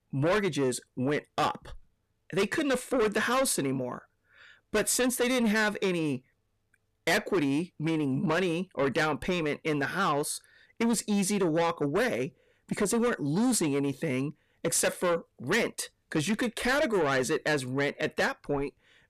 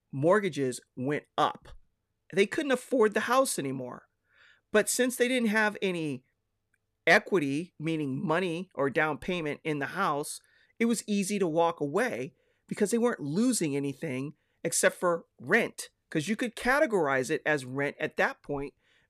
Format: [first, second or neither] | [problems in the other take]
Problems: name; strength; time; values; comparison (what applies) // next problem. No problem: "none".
second | distortion; heavy; 7 dB below the speech